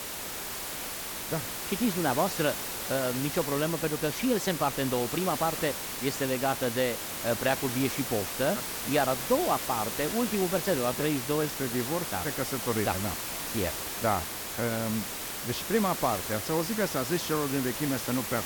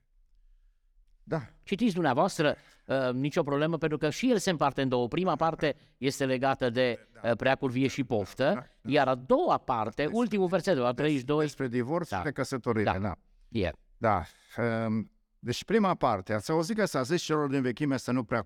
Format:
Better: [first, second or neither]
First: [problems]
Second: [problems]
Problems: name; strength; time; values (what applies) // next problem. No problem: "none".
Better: second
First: hiss; loud; throughout; 3 dB below the speech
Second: none